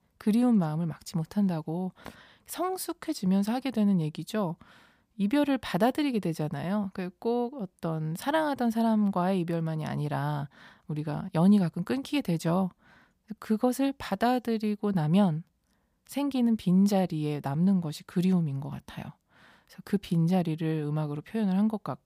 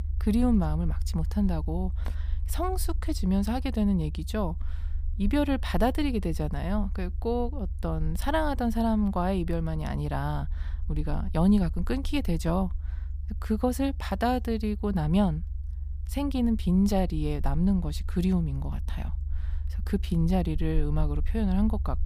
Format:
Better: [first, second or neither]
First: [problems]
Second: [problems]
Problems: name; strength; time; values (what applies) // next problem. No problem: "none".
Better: first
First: none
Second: low rumble; faint; throughout; 20 dB below the speech